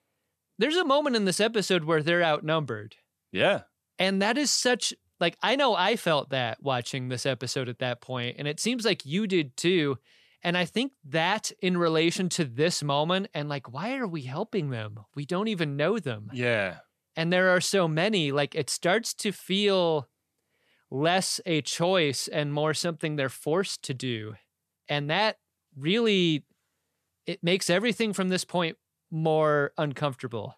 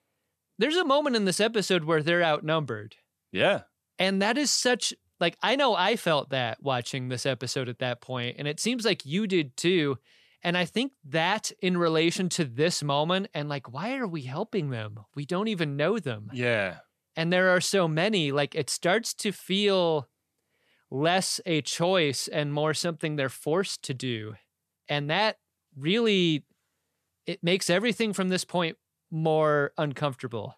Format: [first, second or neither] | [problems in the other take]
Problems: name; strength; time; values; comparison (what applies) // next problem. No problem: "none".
neither | none